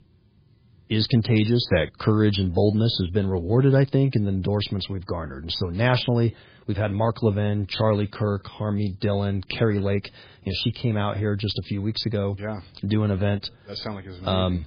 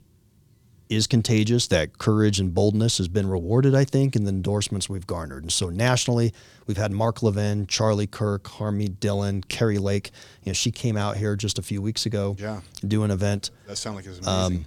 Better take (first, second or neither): second